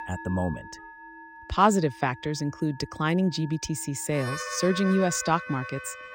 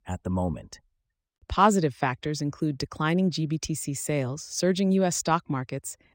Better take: second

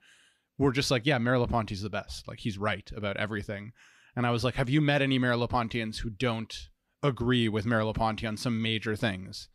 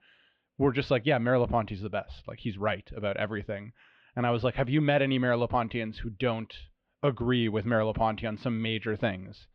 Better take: first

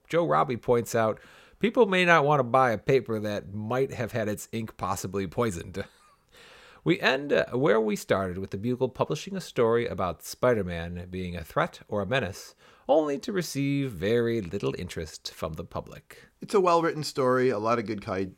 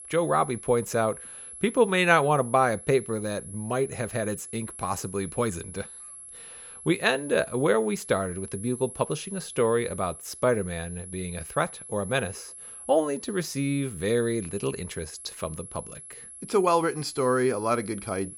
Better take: first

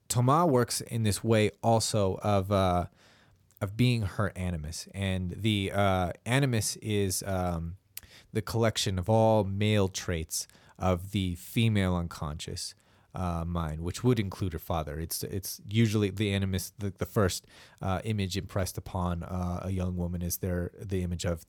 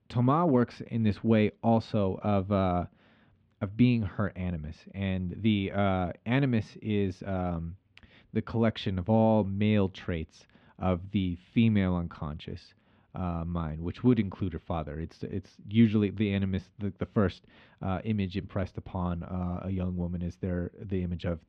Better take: first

